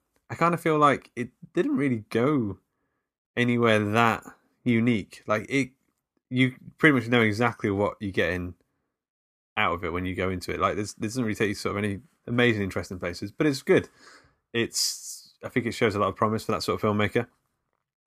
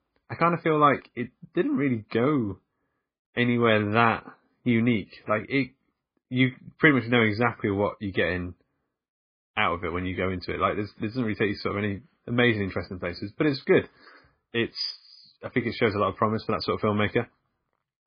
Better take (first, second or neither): first